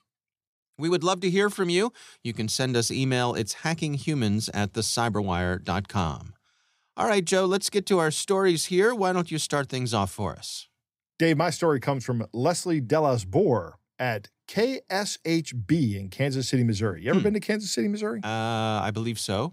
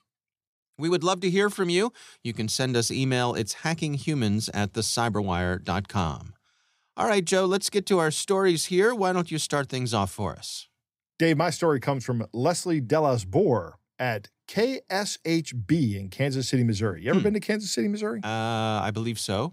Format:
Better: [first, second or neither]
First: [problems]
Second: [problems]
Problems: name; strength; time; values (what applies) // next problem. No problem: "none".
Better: neither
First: none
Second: none